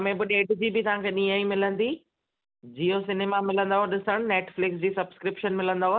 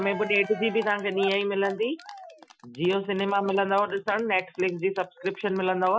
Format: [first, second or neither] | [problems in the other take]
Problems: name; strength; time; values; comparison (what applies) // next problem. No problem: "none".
first | noise reduction (classical method Wiener filter)